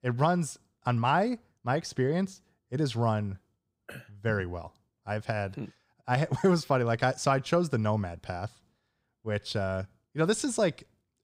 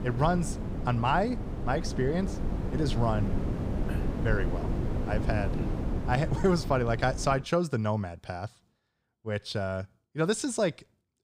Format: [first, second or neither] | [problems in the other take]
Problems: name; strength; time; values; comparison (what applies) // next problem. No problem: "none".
first | wind noise on the microphone; heavy; until 7.5 s; 9 dB below the speech